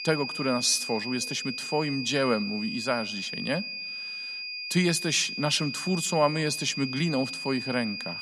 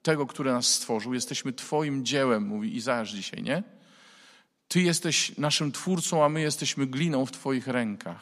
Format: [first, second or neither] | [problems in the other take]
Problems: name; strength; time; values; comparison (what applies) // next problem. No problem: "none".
second | high-pitched whine; loud; throughout; 2.5 kHz, 6 dB below the speech